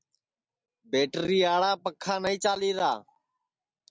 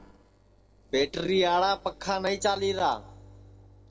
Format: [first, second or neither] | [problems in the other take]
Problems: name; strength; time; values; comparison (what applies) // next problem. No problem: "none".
first | noise reduction (neural separator model SepFormer DNS4)